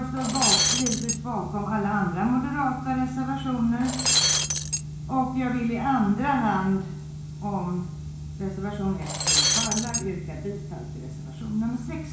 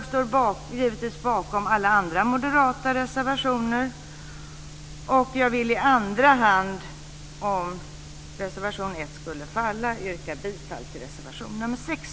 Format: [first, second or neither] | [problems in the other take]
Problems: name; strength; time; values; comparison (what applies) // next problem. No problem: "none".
second | background sound (Shatter); 3 dB above the speech // room echo; dies away in 0.6 s